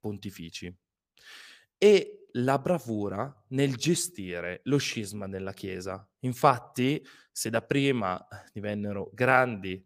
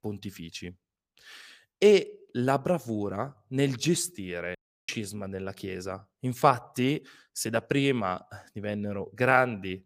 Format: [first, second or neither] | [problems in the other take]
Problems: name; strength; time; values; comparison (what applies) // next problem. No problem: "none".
first | audio cutting out; at 4.5 s